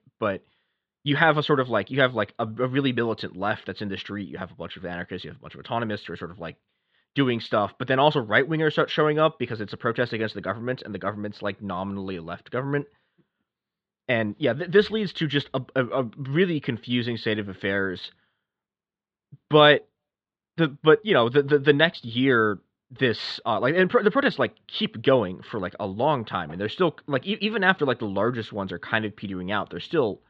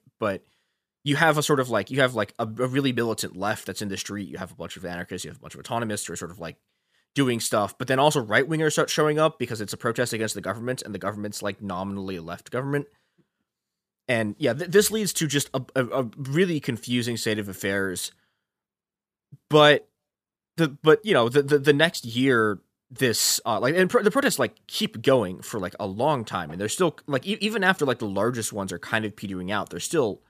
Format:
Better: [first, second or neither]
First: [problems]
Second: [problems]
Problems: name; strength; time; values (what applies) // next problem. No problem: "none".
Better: second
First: muffled; slightly; fading above 3.5 kHz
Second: none